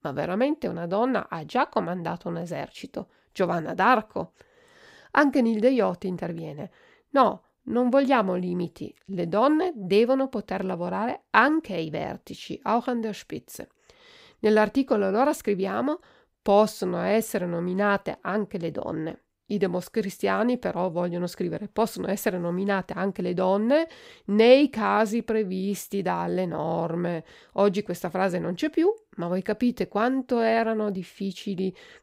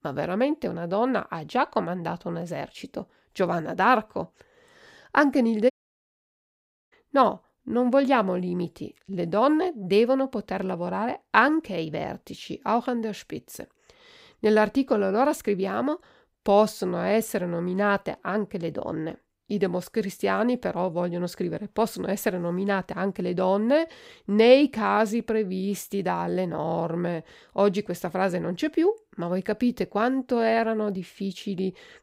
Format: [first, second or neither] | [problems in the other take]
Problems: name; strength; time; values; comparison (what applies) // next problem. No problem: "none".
first | audio cutting out; at 5.5 s for 1 s